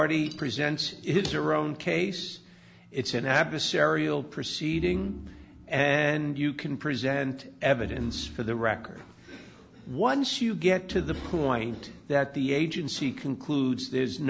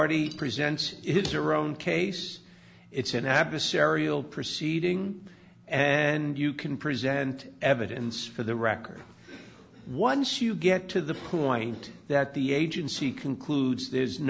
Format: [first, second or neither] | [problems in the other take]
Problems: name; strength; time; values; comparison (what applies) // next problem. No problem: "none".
second | background sound (Organ); 15 dB below the speech